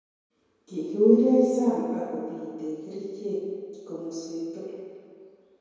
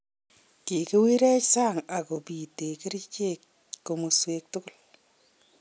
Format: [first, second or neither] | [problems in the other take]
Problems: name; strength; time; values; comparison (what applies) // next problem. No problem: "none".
second | room echo; dies away in 2.2 s